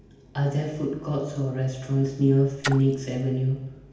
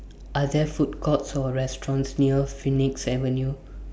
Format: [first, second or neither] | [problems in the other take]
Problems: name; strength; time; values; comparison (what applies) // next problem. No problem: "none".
second | background sound (Splash, splatter); 12 dB below the speech // room echo; dies away in 0.8 s